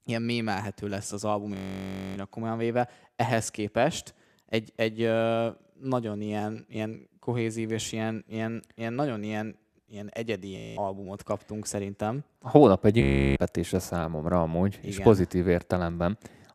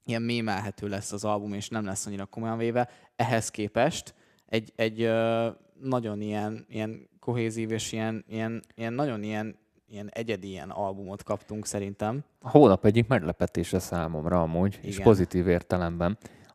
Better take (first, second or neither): second